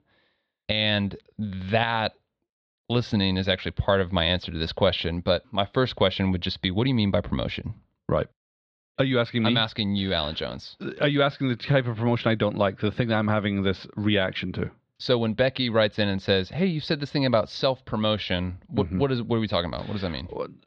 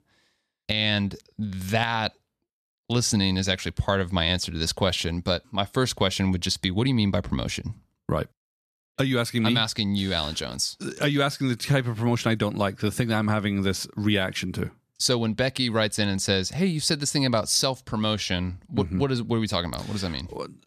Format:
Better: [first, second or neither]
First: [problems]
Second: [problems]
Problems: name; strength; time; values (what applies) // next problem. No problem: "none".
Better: second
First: muffled; slightly; fading above 4 kHz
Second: none